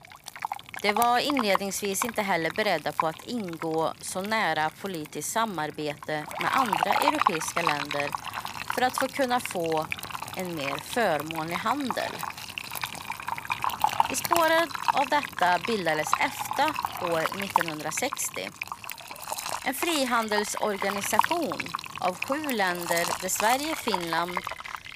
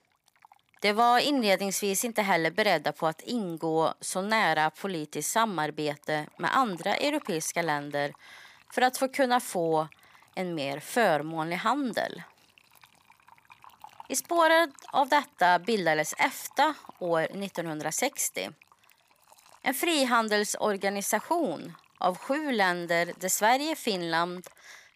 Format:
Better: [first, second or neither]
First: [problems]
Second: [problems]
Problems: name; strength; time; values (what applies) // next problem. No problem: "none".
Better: second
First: household noises; loud; throughout; 3 dB below the speech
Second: household noises; faint; throughout; 30 dB below the speech